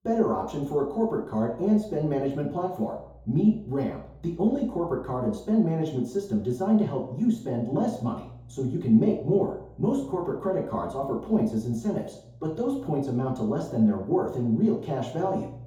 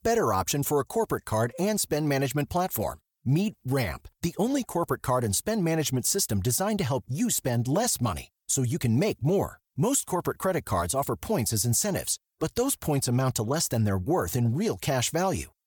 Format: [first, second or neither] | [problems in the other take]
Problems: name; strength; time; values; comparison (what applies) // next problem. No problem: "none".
second | room echo; noticeable; dies away in 3 s // off-mic speech; far